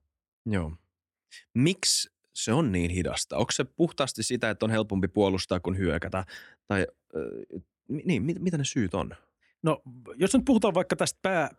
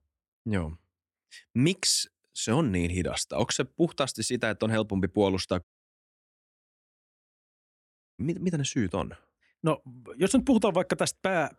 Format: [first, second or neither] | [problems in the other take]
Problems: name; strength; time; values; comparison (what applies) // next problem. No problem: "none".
first | audio cutting out; at 5.5 s for 2.5 s